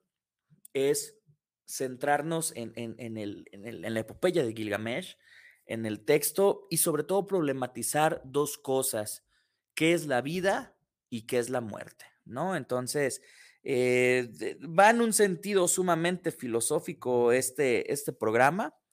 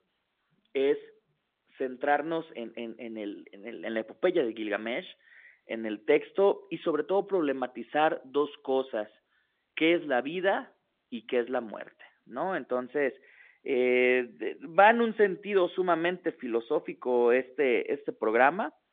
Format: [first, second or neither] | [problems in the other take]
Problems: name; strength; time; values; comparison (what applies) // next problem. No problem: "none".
first | phone-call audio